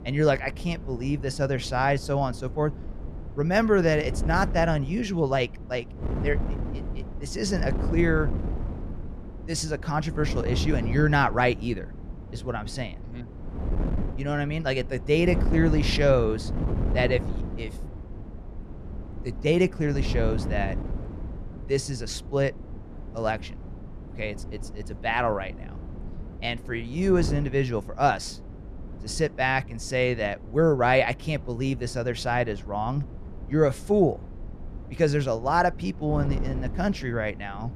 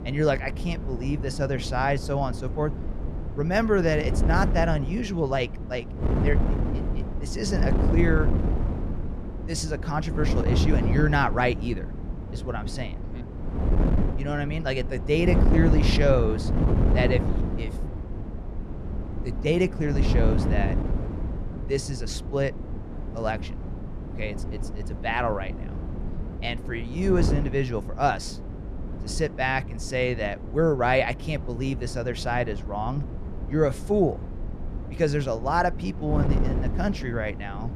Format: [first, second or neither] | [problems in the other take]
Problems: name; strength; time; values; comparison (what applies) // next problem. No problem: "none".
first | wind noise on the microphone; heavy; 10 dB below the speech; occasional gusts in the first